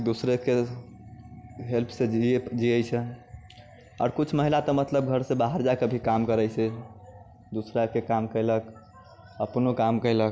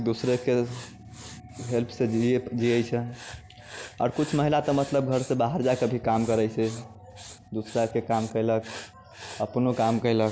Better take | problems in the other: first | background sound (Writing); 20 dB below the speech

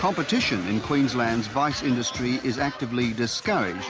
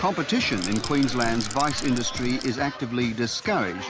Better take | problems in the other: first | background sound (Rattle / Rattle (instrument)); 7 dB below the speech

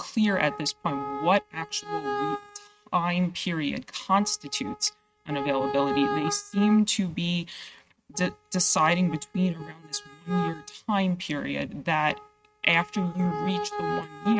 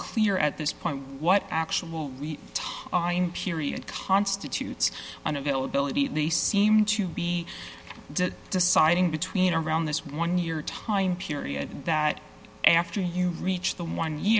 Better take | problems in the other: second | noise reduction (neural mask model RNNoise)

